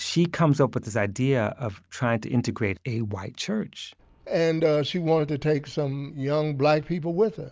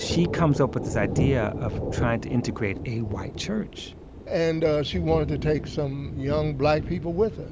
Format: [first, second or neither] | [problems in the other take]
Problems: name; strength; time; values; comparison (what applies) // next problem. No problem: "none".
first | background sound (Thunder); 6 dB below the speech